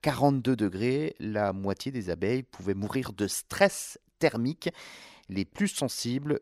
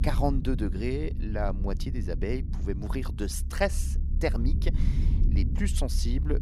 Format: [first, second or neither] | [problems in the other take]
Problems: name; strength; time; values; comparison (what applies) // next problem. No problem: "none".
first | low rumble; noticeable; throughout; 10 dB below the speech